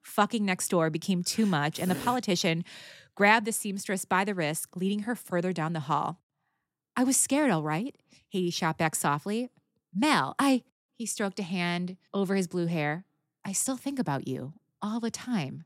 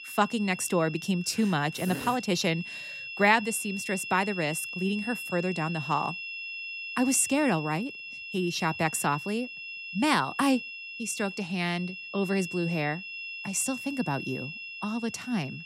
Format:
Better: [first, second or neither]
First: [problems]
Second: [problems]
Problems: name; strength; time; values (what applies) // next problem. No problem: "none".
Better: first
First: none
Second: high-pitched whine; loud; throughout; 2.5 kHz, 8 dB below the speech